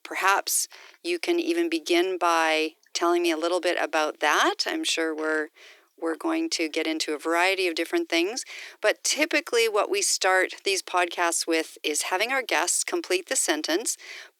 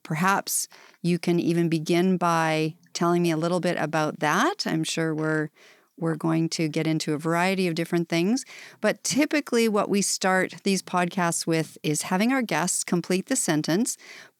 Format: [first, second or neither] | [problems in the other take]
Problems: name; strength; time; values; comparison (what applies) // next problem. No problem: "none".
second | thin; very; fading below 350 Hz